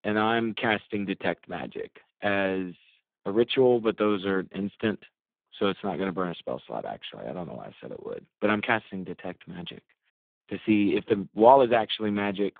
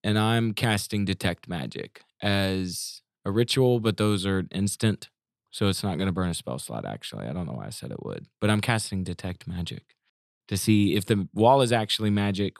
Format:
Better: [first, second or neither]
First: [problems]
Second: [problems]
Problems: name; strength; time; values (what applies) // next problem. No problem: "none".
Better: second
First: phone-call audio; poor line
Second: none